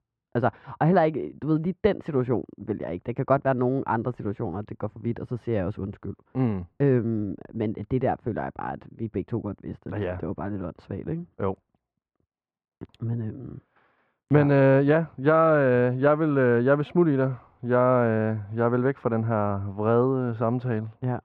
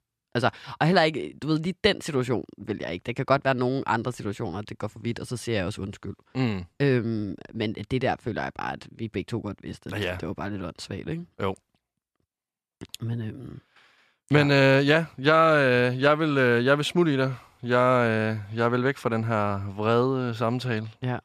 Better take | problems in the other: second | muffled; very; fading above 3 kHz

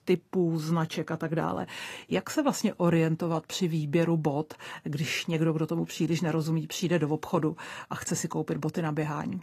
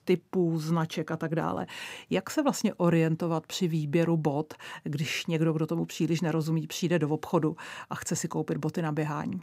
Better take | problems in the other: second | garbled, watery; slightly; nothing above 14.5 kHz

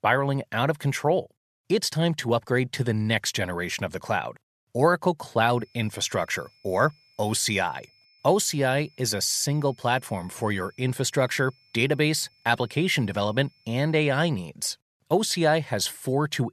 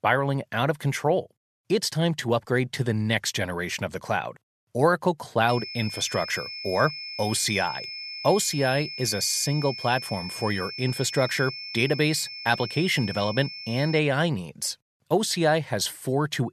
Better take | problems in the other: first | high-pitched whine; loud; from 5.5 to 14 s; 5 kHz, 9 dB below the speech; faint in the first

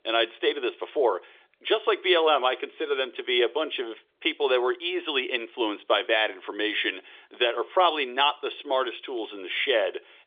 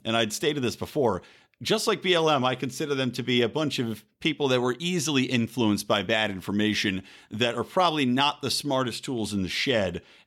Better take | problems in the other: second | phone-call audio; nothing above 3.5 kHz

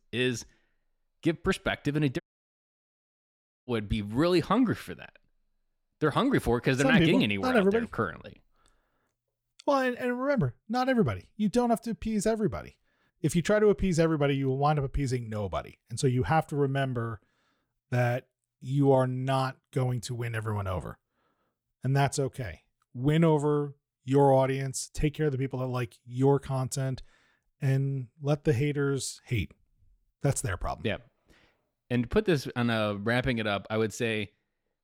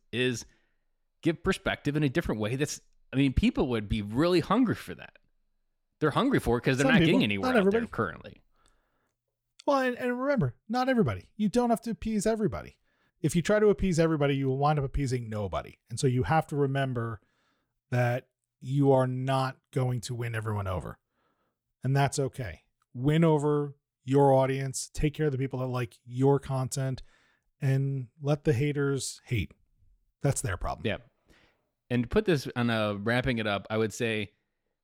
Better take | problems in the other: second | audio cutting out; at 2 s for 1.5 s

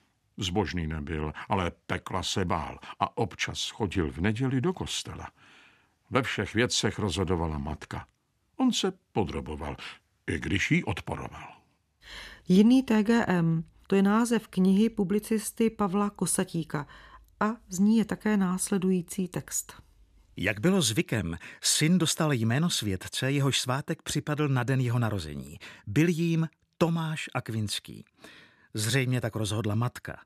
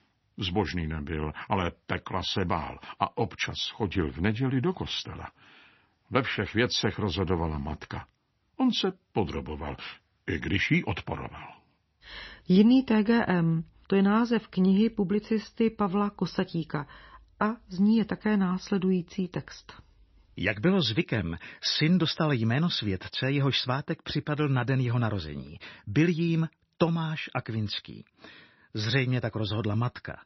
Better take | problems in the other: first | garbled, watery; slightly; nothing above 6 kHz

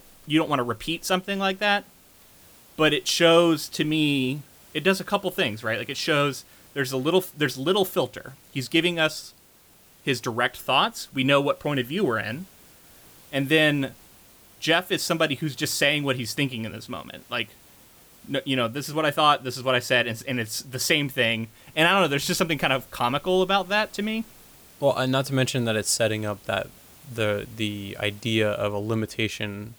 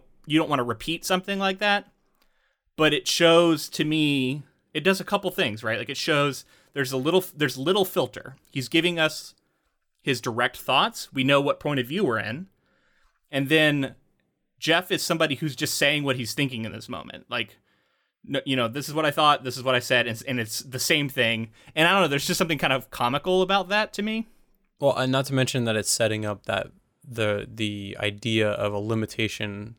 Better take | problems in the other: second | hiss; faint; throughout; 25 dB below the speech

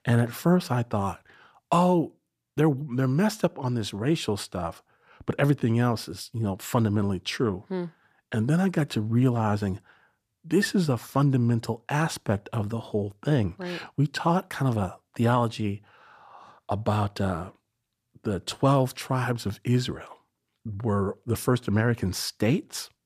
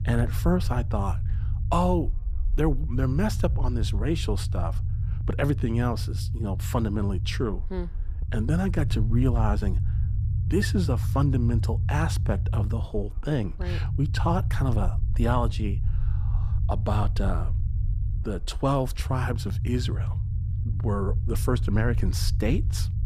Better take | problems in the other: first | low rumble; noticeable; throughout; 10 dB below the speech

